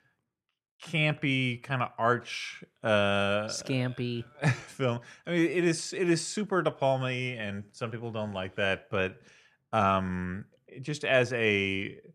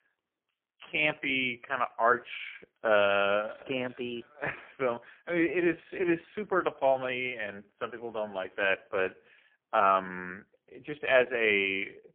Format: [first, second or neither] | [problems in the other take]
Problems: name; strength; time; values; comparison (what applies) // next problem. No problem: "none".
first | phone-call audio; poor line; nothing above 3 kHz